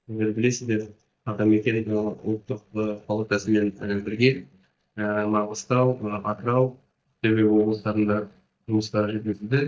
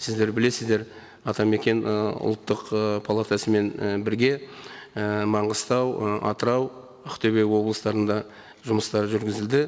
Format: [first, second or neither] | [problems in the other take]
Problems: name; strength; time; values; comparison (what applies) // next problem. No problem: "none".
second | noise reduction (neural mask model DeepFilterNet 3)